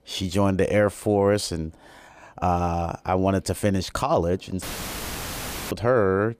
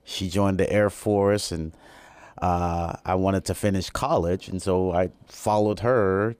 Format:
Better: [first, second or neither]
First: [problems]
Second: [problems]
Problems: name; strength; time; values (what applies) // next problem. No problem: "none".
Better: second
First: audio cutting out; filled with static; at 4.5 s for 1 s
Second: none